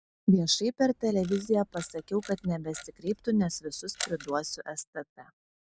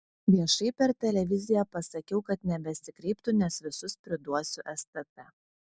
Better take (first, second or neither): second